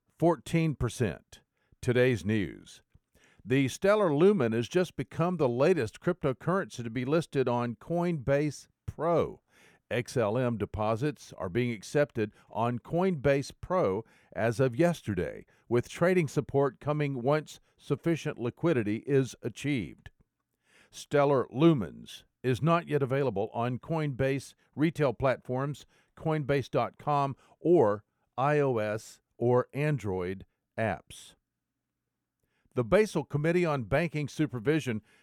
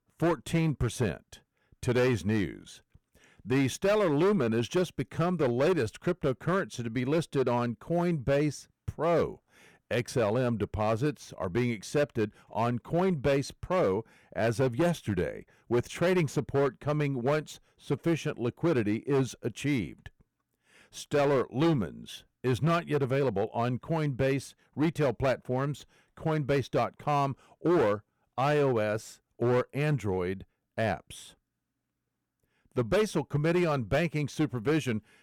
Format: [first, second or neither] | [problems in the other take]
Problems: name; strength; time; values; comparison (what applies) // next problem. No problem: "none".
first | distortion; slight; 7% of the sound clipped